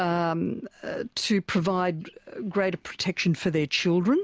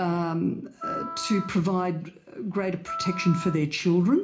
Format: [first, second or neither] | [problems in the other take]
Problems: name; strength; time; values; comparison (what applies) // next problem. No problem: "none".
first | background sound (Wind instrument, woodwind instrument); 12 dB below the speech // room echo; dies away in 0.4 s